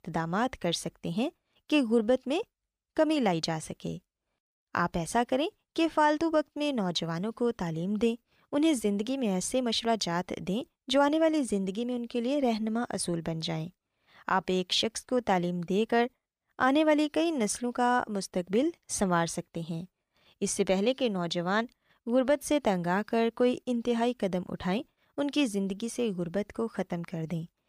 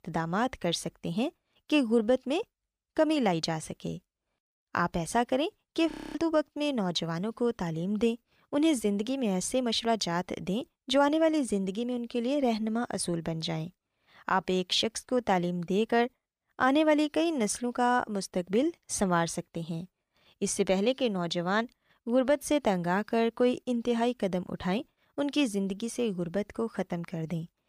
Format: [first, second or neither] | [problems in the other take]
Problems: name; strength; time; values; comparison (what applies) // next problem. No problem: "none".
first | audio freezing; at 6 s